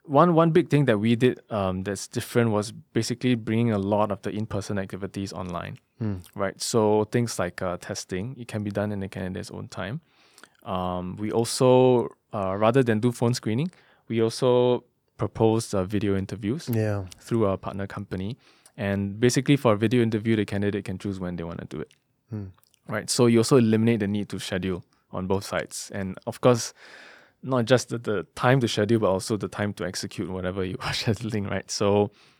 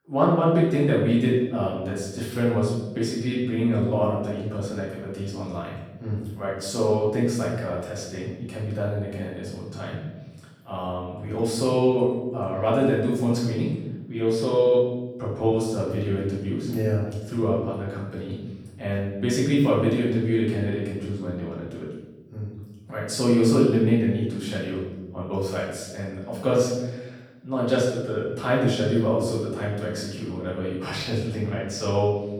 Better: first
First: none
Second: off-mic speech; far // room echo; noticeable; dies away in 1 s

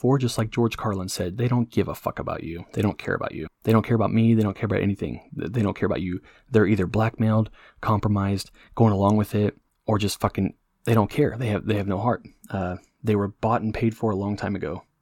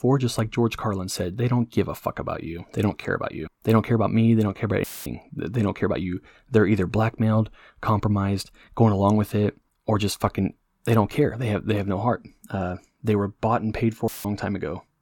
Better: first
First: none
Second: audio cutting out; filled with static; at 5 s and at 14 s

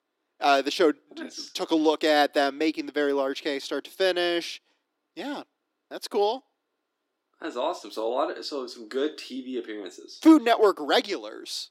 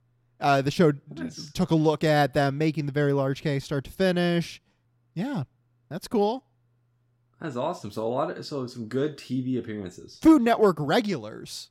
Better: second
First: thin; somewhat; fading below 300 Hz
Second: none

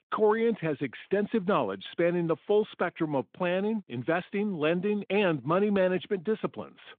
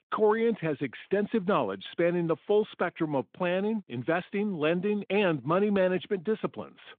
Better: neither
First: phone-call audio; nothing above 3.5 kHz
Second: phone-call audio; nothing above 3.5 kHz

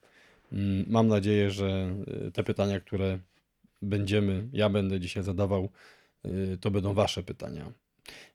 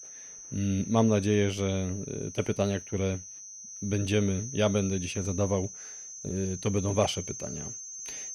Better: first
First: none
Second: high-pitched whine; noticeable; throughout; 6 kHz, 10 dB below the speech

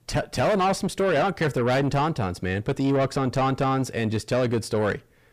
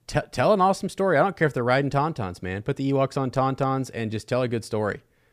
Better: second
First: distortion; heavy; 7 dB below the speech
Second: none

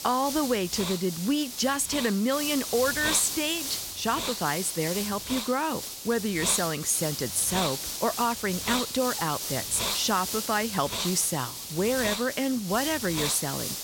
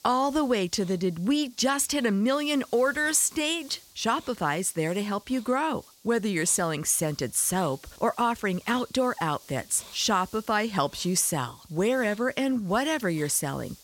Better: second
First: hiss; loud; throughout; 4 dB below the speech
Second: hiss; faint; throughout; 25 dB below the speech

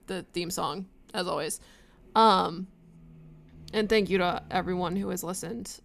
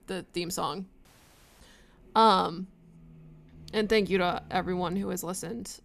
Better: first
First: none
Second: audio cutting out; at 1 s for 0.5 s

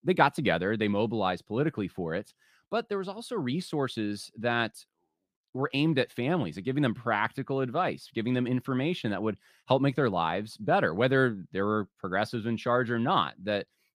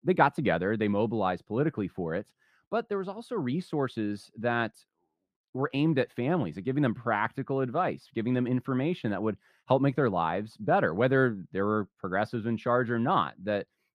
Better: first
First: none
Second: muffled; slightly; fading above 2.5 kHz

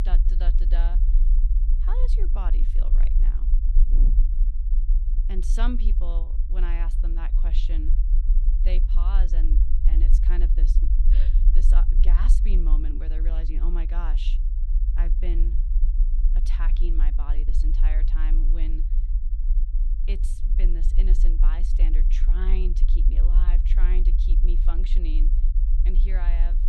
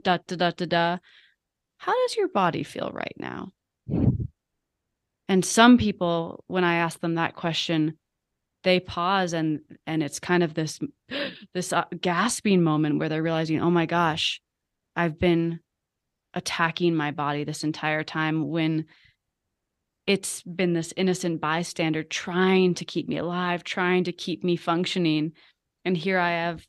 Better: second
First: low rumble; loud; throughout; 6 dB below the speech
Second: none

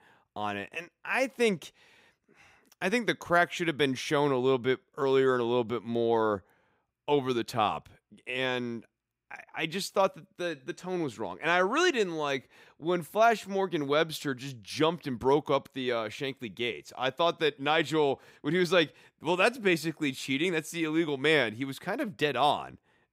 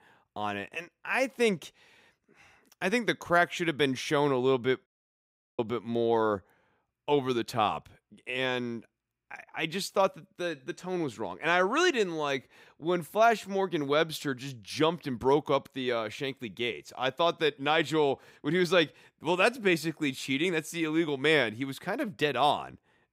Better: first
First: none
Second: audio cutting out; at 5 s for 0.5 s

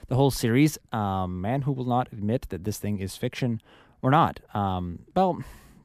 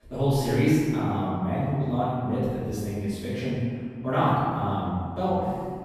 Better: first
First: none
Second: room echo; strong; dies away in 1.8 s // off-mic speech; far

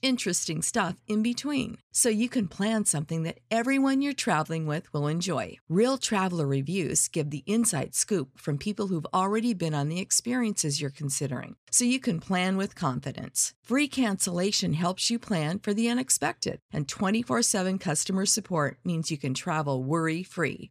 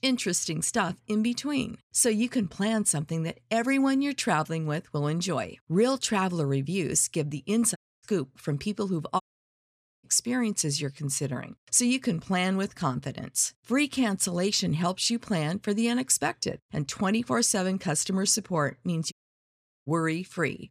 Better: first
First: none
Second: audio cutting out; at 8 s, at 9 s for 1 s and at 19 s for 0.5 s

